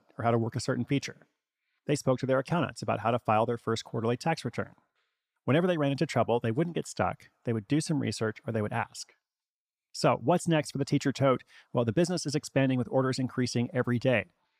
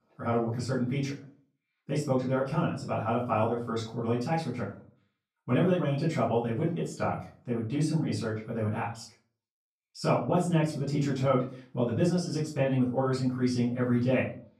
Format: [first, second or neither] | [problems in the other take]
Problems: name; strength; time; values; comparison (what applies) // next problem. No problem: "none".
first | off-mic speech; far // room echo; slight; dies away in 0.4 s